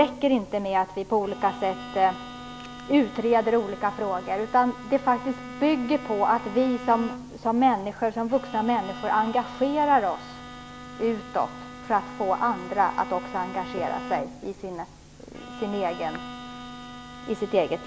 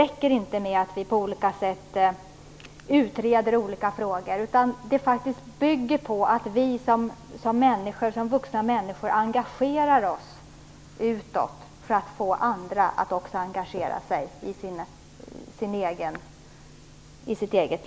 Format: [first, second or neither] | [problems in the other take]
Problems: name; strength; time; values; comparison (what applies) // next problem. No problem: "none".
second | background sound (Bowed string instrument); 14 dB below the speech